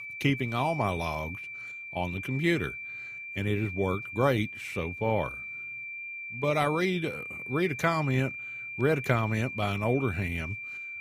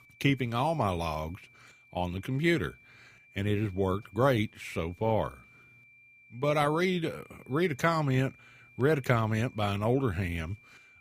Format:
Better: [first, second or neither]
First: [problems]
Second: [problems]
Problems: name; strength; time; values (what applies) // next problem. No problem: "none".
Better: second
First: high-pitched whine; loud; throughout; 2.5 kHz, 7 dB below the speech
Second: high-pitched whine; faint; throughout; 2.5 kHz, 25 dB below the speech